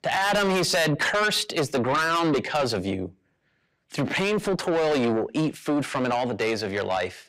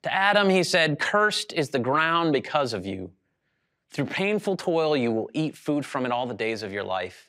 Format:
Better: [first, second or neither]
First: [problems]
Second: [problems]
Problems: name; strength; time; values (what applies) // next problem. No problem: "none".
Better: second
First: distortion; heavy; 7 dB below the speech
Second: none